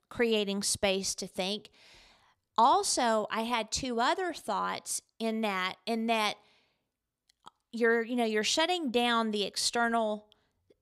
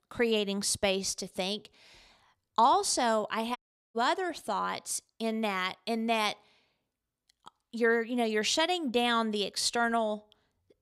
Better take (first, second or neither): first